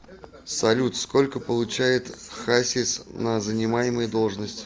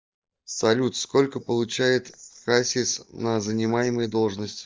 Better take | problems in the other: first | noise reduction (neural mask model DeepFilterNet 3)

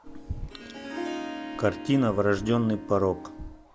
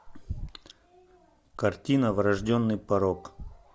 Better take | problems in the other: second | background sound (Harp); 10 dB below the speech

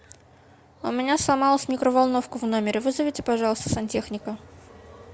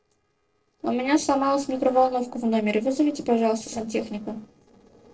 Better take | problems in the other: first | noise reduction (neural separator model SepFormer DNS4)

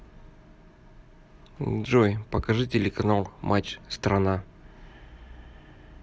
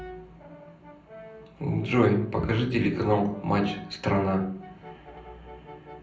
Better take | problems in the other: first | background sound (Brass instrument); 18 dB below the speech // room echo; dies away in 0.6 s

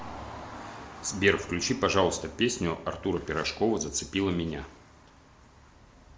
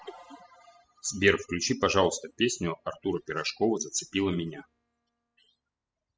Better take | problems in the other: first | noise reduction (classical method spectral subtraction)

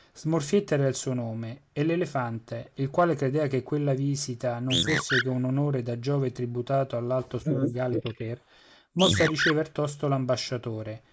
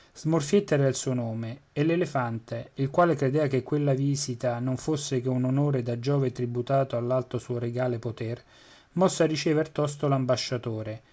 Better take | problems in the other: second | noise reduction (neural mask model Resemble Enhance denoiser)

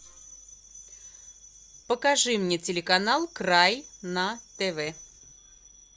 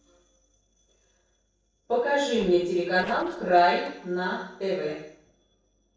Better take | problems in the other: first | noise reduction (neural separator model SepFormer DNS4)

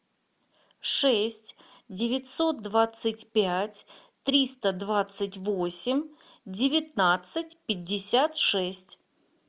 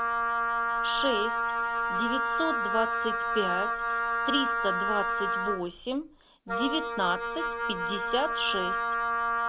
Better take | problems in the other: first | background sound (Wind instrument, woodwind instrument); 4 dB above the speech

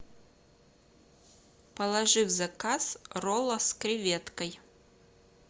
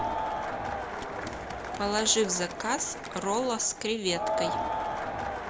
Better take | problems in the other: first | background sound (Crowd); 2 dB below the speech

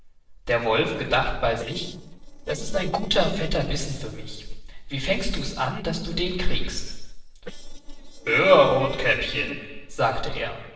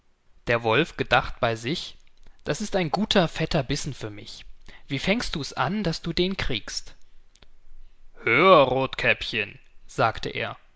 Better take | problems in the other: second | noise reduction (neural separator model SepFormer DNS4)

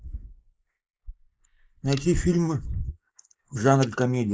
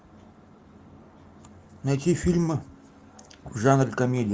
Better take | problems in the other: second | noise reduction (neural mask model Resemble Enhance denoiser)

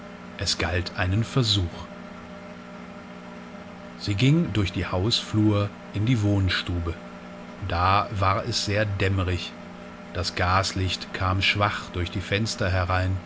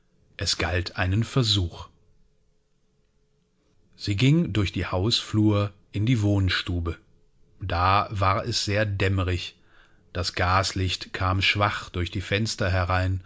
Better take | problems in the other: second | background sound (Engine); 15 dB below the speech

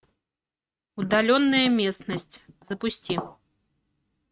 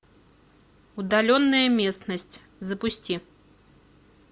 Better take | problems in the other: second | noise reduction (neural mask model RNNoise)

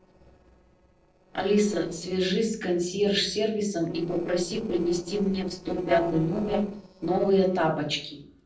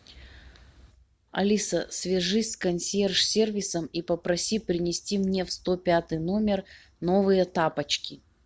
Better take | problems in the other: second | noise reduction (neural separator model SepFormer DNS4)

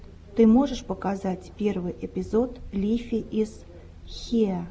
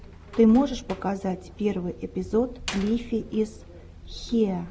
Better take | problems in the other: first | background sound (Slam); 20 dB below the speech

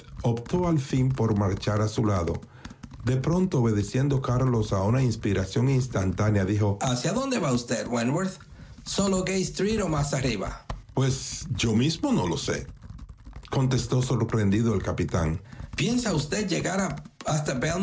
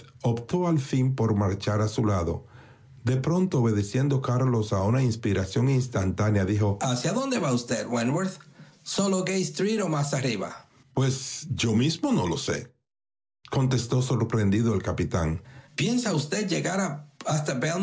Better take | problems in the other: second | background sound (Computer keyboard); 16 dB below the speech

